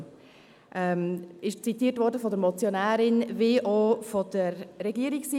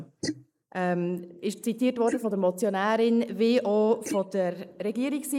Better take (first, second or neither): first